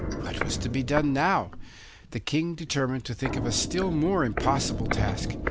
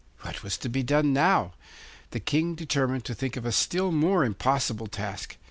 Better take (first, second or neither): second